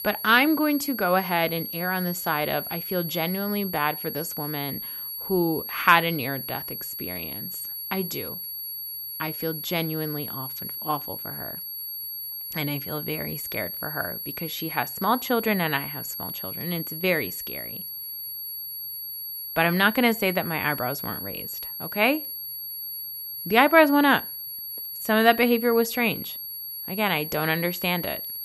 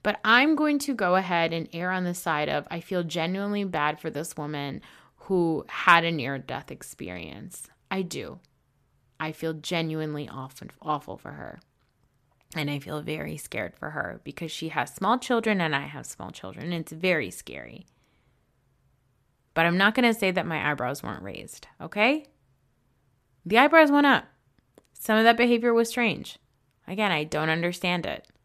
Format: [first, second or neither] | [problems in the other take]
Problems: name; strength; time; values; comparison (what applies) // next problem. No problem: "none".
second | high-pitched whine; loud; throughout; 11.5 kHz, 7 dB below the speech